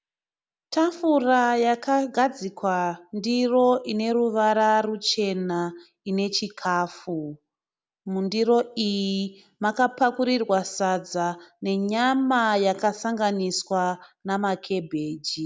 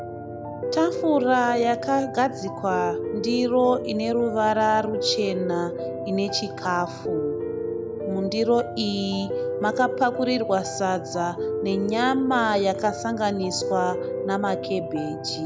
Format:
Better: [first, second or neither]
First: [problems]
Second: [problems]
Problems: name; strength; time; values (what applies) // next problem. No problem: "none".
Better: first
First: none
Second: background sound (Piano); 5 dB below the speech